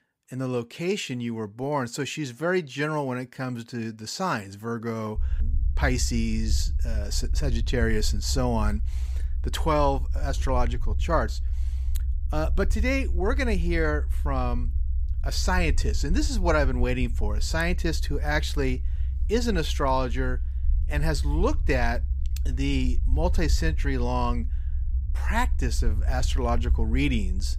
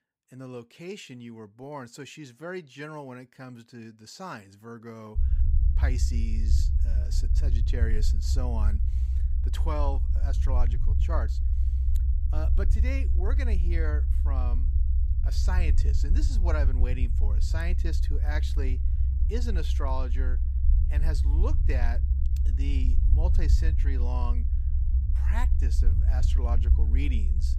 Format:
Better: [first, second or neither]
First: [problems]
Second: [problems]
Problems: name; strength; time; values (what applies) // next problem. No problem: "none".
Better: first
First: low rumble; faint; from 5 s on; 20 dB below the speech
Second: low rumble; loud; from 5 s on; 6 dB below the speech